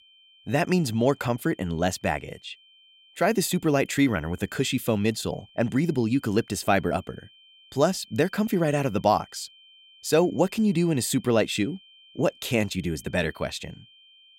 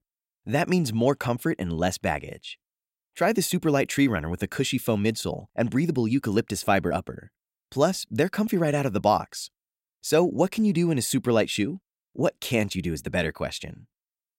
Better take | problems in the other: second | high-pitched whine; faint; throughout; 3 kHz, 25 dB below the speech

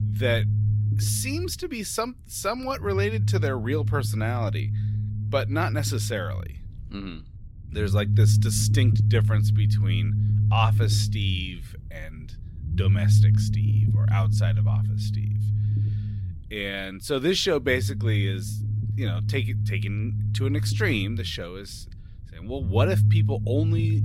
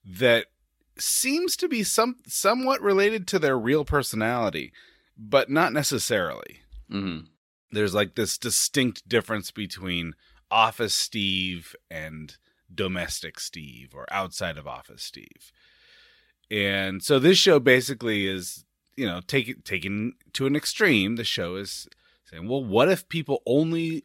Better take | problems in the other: second | low rumble; loud; throughout; 8 dB below the speech

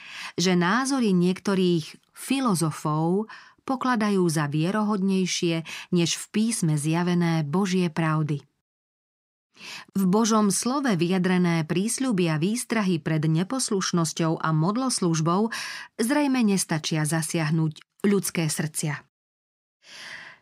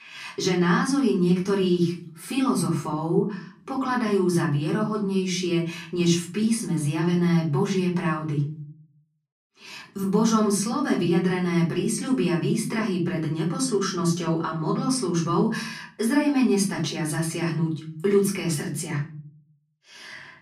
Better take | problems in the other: first | off-mic speech; far // room echo; slight; dies away in 0.4 s

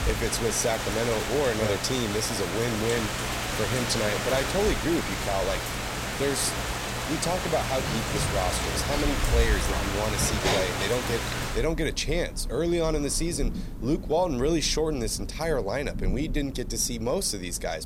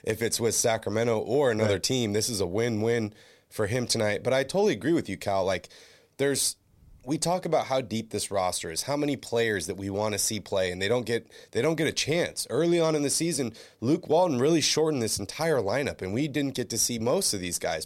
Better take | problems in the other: second | rain or running water; loud; throughout; 2 dB below the speech

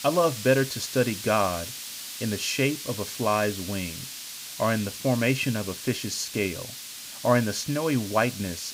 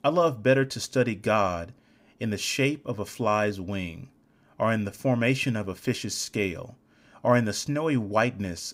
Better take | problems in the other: second | hiss; loud; throughout; 9 dB below the speech

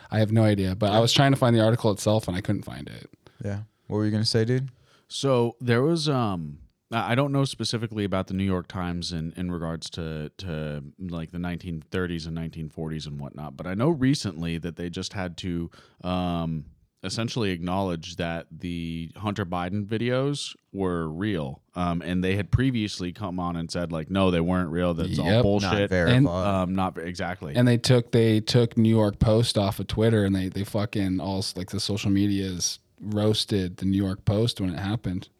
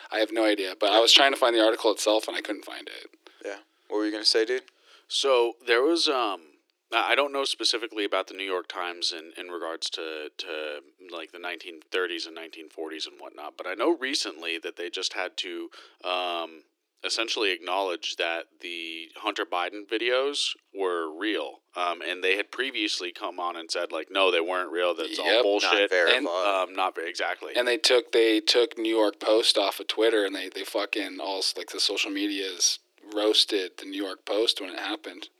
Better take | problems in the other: first | thin; very; fading below 300 Hz

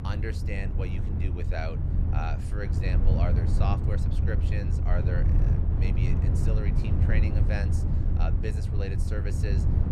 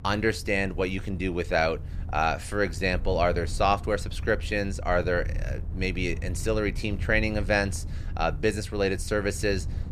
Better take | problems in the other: second | low rumble; loud; throughout; 2 dB below the speech; faint in the second

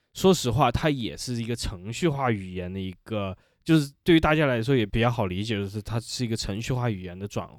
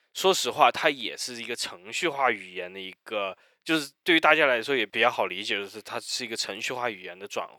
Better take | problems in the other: first | thin; very; fading below 550 Hz

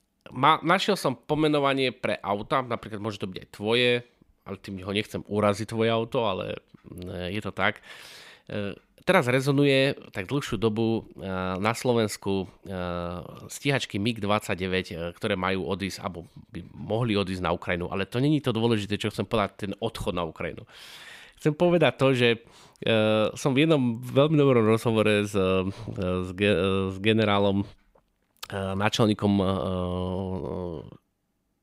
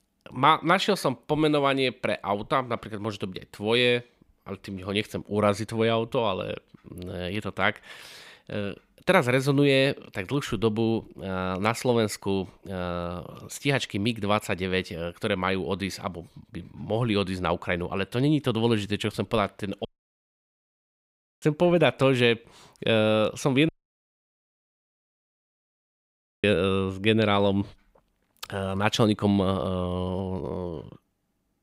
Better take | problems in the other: first | audio cutting out; at 20 s for 1.5 s and at 24 s for 3 s

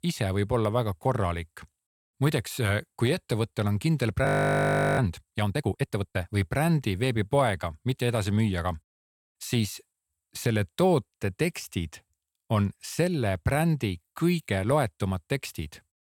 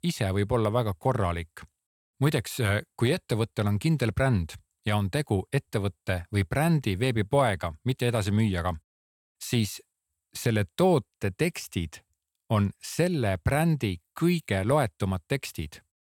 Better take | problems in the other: second | audio freezing; at 4.5 s for 0.5 s

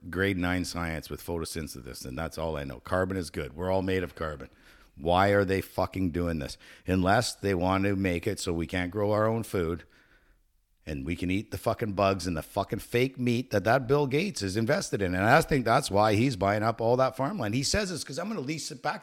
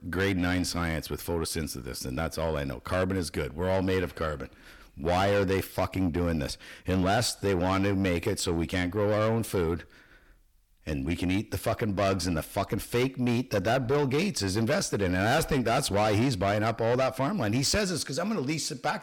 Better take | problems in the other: first | distortion; heavy; 8 dB below the speech

